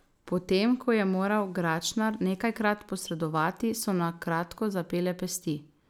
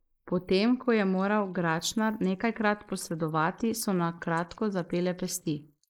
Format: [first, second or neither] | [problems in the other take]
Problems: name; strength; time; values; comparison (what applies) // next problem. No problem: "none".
first | noise reduction (neural mask model Resemble Enhance denoiser)